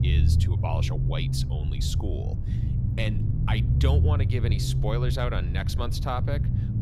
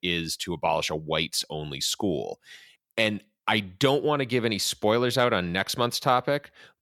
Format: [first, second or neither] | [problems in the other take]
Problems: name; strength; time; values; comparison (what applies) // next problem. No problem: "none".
second | low rumble; loud; throughout; 5 dB below the speech